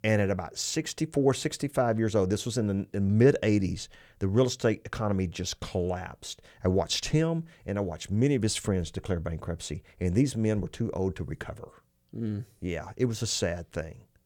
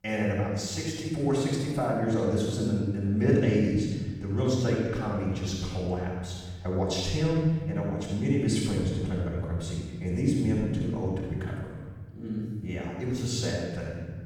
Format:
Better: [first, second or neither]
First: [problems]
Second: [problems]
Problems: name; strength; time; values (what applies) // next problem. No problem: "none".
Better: first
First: none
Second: off-mic speech; far // room echo; strong; dies away in 1.6 s